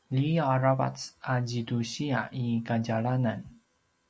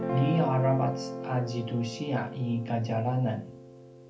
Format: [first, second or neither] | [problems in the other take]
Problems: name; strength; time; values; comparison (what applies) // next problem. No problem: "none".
first | background sound (Guitar); 7 dB below the speech // room echo; dies away in 0.3 s